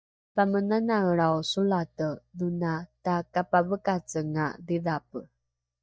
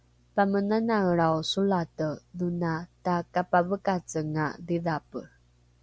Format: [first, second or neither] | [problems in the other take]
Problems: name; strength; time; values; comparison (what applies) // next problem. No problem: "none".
second | noise reduction (neural mask model DeepFilterNet 3)